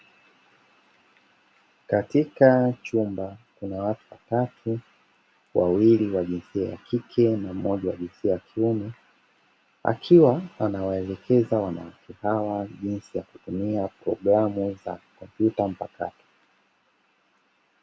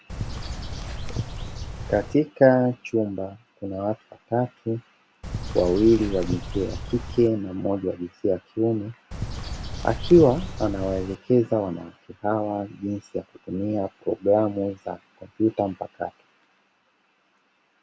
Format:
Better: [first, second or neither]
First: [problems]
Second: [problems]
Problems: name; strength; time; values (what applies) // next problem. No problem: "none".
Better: first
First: none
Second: background sound (Bird); 7 dB below the speech